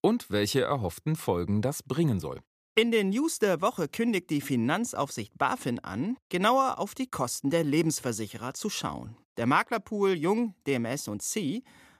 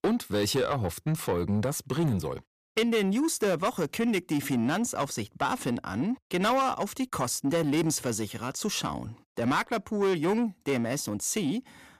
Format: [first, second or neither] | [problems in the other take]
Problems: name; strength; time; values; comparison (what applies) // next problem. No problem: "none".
first | distortion; slight; 10 dB below the speech